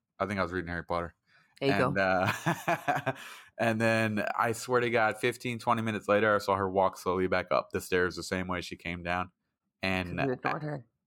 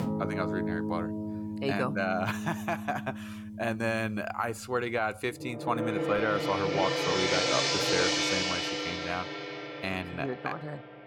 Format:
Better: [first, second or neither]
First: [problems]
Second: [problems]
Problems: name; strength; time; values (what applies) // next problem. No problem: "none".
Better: first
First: none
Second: background music; very loud; throughout; 2 dB above the speech